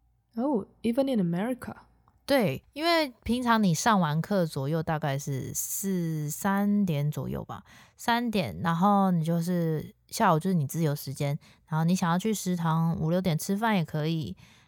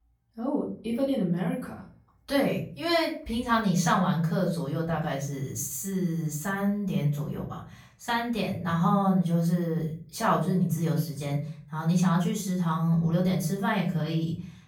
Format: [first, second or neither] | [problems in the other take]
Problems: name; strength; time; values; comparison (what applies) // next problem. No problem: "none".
first | off-mic speech; far // room echo; slight; dies away in 0.4 s